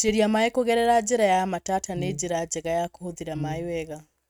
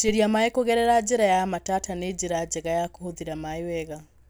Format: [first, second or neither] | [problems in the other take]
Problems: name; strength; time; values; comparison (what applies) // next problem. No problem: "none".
second | noise reduction (neural mask model RNNoise)